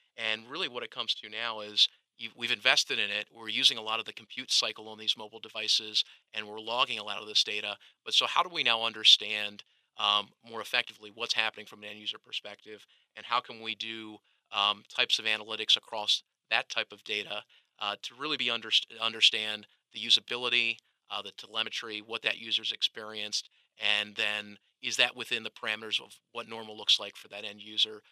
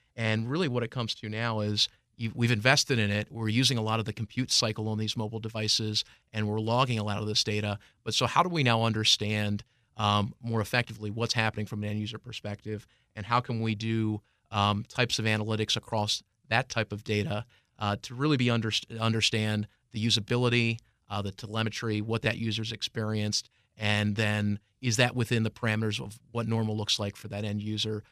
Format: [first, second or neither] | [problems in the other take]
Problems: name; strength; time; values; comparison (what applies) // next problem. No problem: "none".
second | thin; very; fading below 500 Hz